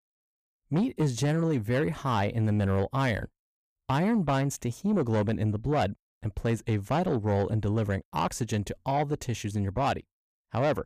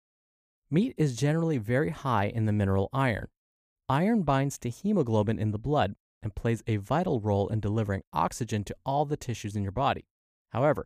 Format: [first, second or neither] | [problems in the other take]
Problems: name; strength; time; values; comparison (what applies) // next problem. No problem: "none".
second | distortion; slight; 10 dB below the speech